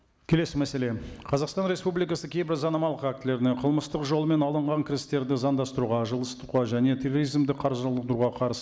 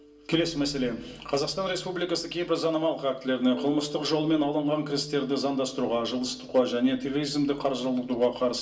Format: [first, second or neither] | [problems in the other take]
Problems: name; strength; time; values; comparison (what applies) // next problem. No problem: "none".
first | background sound (Mallet percussion); 19 dB below the speech // room echo; dies away in 0.2 s